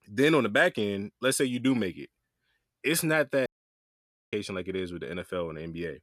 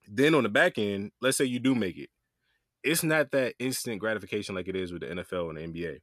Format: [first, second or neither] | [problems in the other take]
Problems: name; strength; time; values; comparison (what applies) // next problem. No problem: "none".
second | audio cutting out; at 3.5 s for 1 s